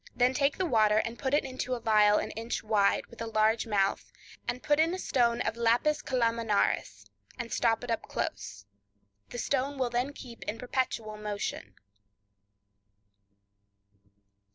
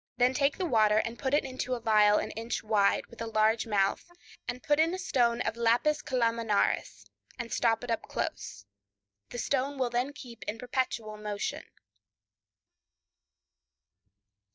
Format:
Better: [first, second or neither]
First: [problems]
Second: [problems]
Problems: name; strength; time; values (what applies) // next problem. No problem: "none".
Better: first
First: none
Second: noise reduction (neural mask model DeepFilterNet 3)